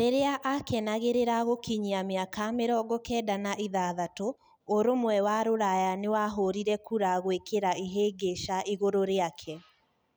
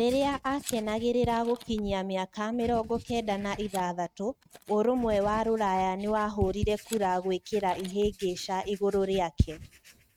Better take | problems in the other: first | noise reduction (neural mask model RNNoise)

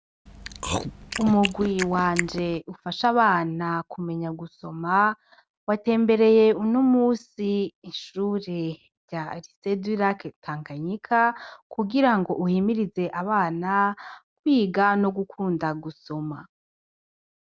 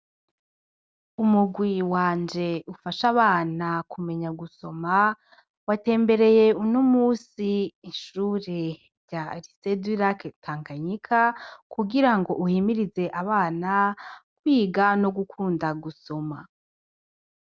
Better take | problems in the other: second | background sound (Chewing, mastication); 7 dB below the speech

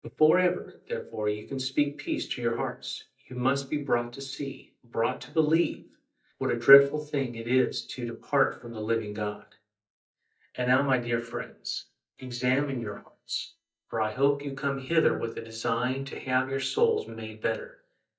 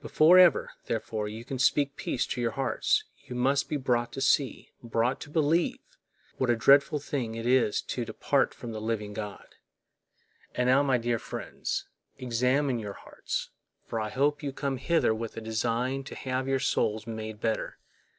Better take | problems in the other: second | noise reduction (neural mask model DeepFilterNet 3)

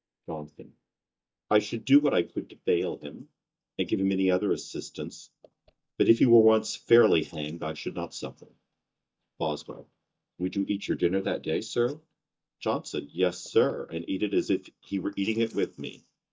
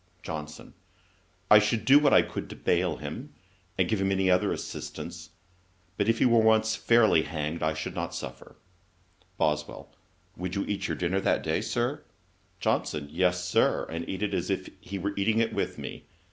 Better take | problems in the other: second | noise reduction (neural mask model DeepFilterNet 3)

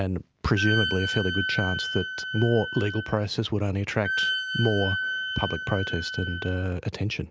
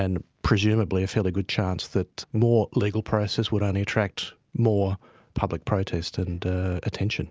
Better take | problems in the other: second | background sound (Wind instrument, woodwind instrument); 4 dB below the speech

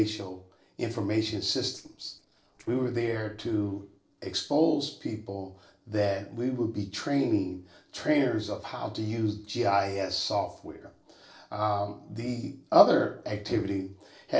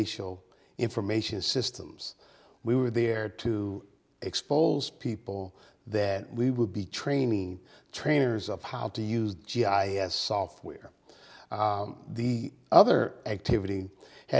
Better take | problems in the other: second | noise reduction (neural separator model SepFormer DNS4)

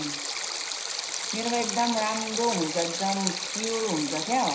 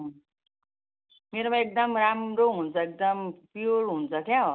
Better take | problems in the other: second | background sound (Stream); 2 dB below the speech // room echo; dies away in 0.5 s

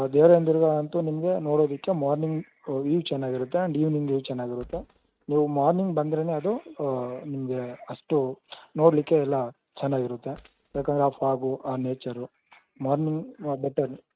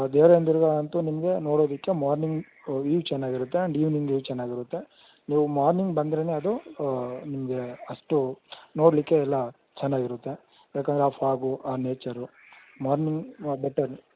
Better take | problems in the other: second | noise reduction (neural mask model RNNoise)

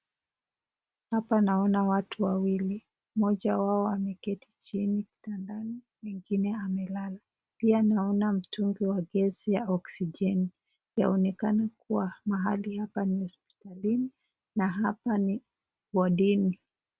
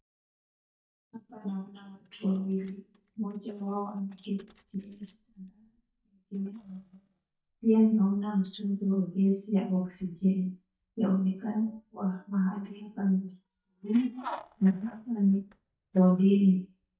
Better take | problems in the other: first | noise reduction (neural mask model DeepFilterNet 3)

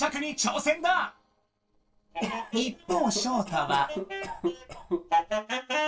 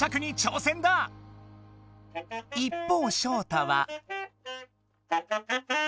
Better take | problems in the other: second | noise reduction (neural separator model SepFormer DNS4)

